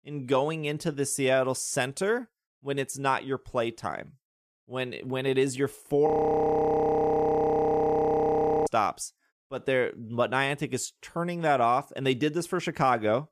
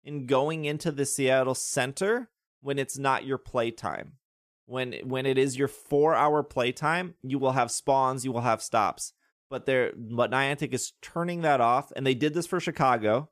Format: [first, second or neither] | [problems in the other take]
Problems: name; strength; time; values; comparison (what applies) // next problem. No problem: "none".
second | audio freezing; at 6 s for 2.5 s